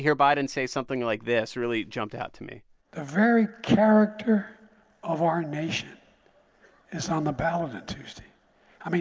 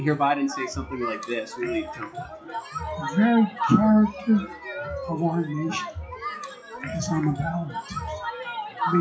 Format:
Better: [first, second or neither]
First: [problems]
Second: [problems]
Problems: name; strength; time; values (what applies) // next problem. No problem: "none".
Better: first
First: none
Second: noise reduction (classical method WPE with log-MMSE)